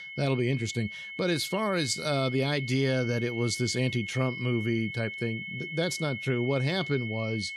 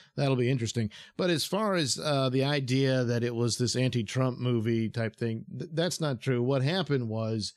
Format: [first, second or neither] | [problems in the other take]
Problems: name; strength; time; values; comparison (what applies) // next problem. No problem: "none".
second | high-pitched whine; loud; throughout; 2 kHz, 7 dB below the speech